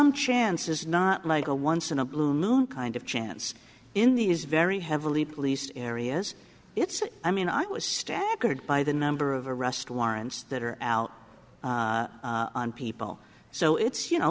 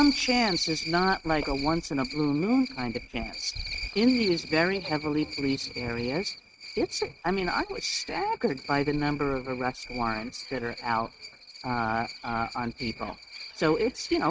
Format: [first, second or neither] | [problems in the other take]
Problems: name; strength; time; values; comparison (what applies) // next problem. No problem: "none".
first | noise reduction (neural mask model RNNoise)